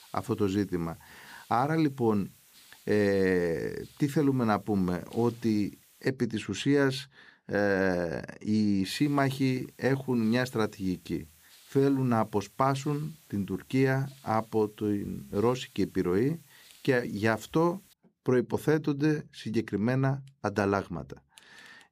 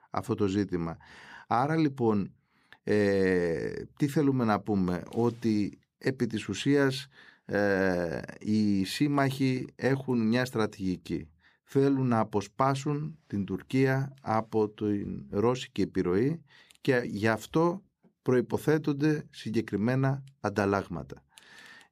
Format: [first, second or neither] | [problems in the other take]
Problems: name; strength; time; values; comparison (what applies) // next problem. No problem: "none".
second | hiss; faint; until 6 s and from 9 to 18 s; 25 dB below the speech